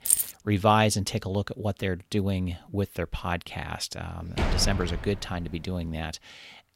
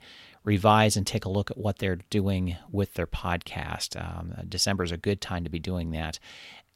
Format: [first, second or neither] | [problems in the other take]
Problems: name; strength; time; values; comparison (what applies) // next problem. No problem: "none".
second | jangling keys; loud; at the start; peak 6 dB above the speech // door banging; loud; from 4.5 to 5.5 s; peak level with the speech